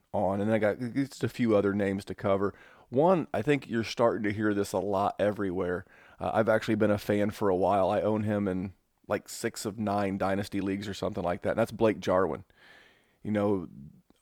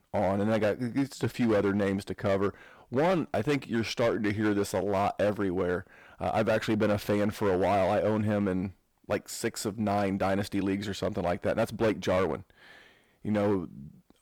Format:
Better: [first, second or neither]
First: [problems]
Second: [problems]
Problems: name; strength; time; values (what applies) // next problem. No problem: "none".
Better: first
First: none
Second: distortion; slight; 9% of the sound clipped